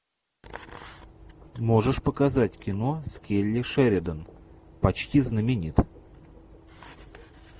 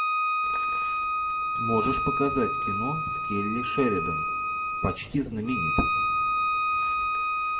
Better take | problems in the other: first | background sound (Bowed string instrument); 4 dB above the speech // room echo; dies away in 1.4 s

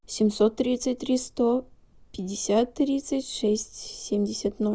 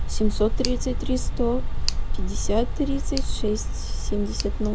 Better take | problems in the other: first | background sound (Tick); 5 dB above the speech

